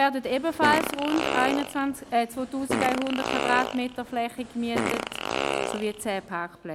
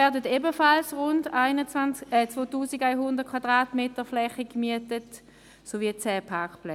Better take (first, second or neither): second